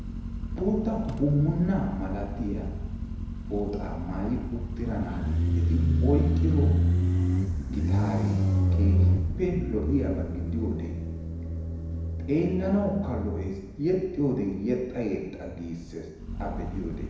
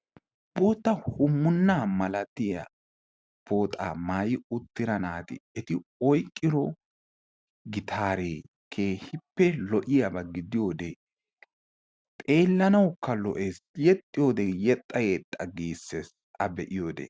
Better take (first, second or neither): second